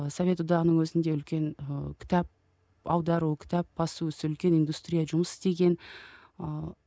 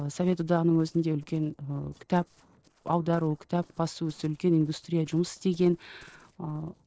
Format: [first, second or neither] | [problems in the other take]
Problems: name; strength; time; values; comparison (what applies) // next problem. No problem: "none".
first | noise reduction (neural separator model SepFormer DNS4)